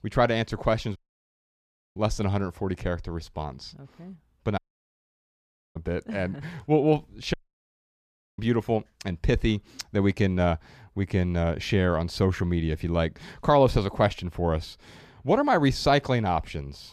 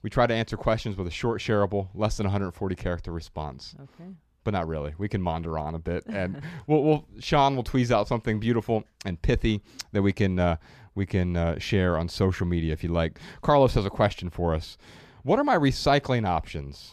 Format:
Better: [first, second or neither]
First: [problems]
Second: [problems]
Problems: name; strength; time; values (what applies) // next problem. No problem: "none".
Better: second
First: audio cutting out; at 1 s for 1 s, at 4.5 s for 1 s and at 7.5 s for 1 s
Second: none